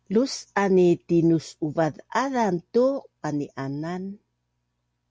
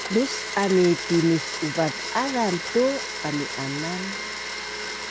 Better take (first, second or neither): first